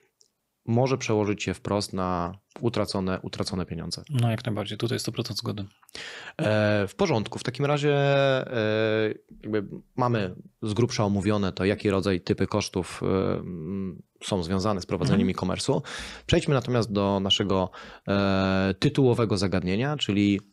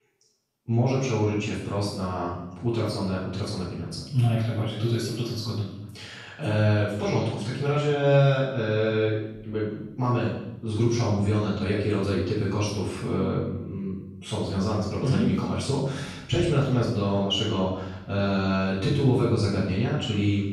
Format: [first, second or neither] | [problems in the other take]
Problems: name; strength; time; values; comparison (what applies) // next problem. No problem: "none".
first | off-mic speech; far // room echo; strong; dies away in 0.8 s